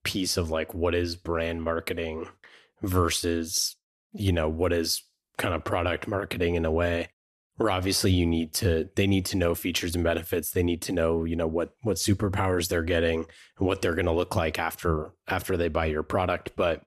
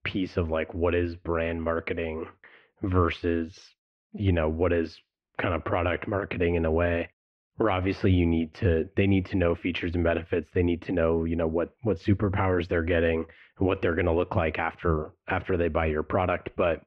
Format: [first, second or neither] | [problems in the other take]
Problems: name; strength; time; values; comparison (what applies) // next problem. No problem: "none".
first | muffled; very; fading above 2.5 kHz